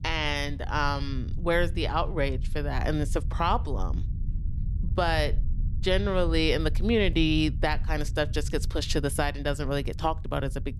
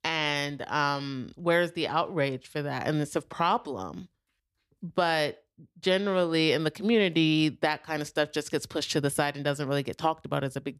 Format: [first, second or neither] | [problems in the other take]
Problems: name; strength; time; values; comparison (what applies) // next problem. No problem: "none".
second | low rumble; faint; throughout; 20 dB below the speech